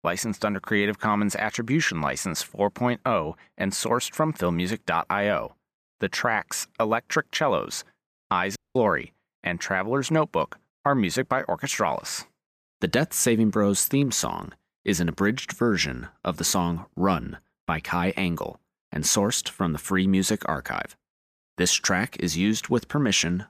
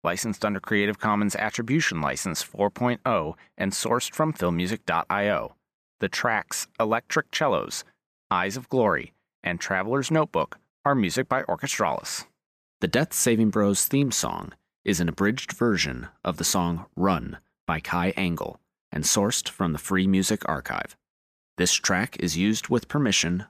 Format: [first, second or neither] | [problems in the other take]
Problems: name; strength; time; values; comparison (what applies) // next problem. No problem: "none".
second | audio cutting out; at 8.5 s